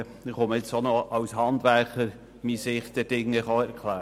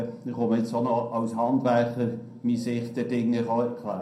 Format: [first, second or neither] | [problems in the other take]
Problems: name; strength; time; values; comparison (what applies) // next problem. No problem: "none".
first | room echo; dies away in 0.5 s